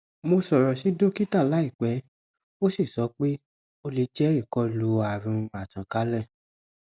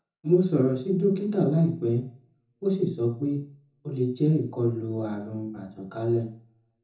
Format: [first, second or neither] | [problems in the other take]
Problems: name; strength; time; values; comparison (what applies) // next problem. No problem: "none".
first | room echo; dies away in 0.5 s